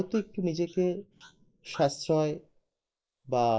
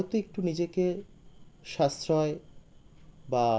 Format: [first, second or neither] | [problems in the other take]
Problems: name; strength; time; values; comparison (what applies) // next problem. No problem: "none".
second | noise reduction (neural mask model Resemble Enhance denoiser)